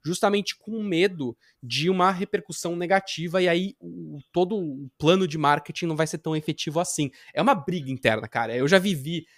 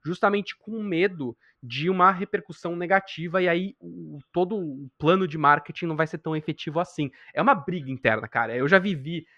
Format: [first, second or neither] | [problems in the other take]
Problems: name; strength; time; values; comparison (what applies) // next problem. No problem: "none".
first | muffled; very; fading above 2.5 kHz